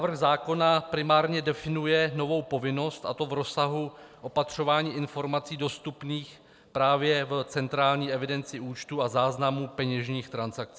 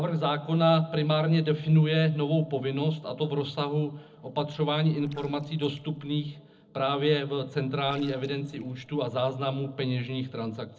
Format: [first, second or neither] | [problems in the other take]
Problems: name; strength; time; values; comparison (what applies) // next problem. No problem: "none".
first | noise reduction (neural separator model SepFormer DNS4)